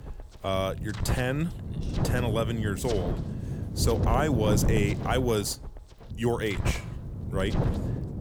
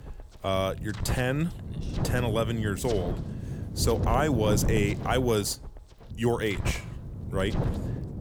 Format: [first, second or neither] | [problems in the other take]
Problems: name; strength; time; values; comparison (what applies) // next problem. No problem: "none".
second | wind noise on the microphone; heavy; 7 dB below the speech; occasional gusts in the second